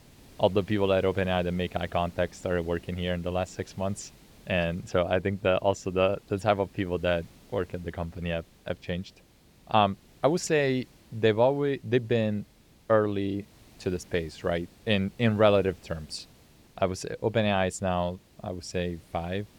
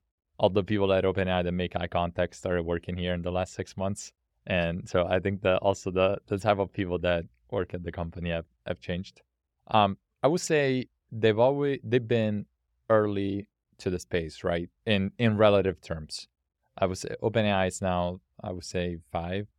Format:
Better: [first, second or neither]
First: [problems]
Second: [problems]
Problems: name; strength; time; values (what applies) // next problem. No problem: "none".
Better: second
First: hiss; faint; throughout; 25 dB below the speech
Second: none